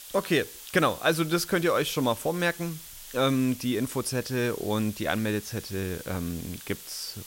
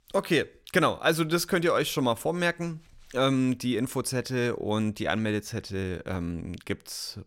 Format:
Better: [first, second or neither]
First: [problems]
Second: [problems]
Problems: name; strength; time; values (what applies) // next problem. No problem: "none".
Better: second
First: hiss; noticeable; throughout; 15 dB below the speech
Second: none